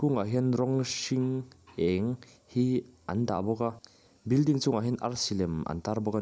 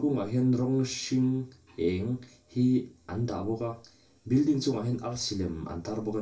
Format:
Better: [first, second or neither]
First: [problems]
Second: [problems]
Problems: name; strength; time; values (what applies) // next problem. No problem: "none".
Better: first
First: none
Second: room echo; dies away in 0.3 s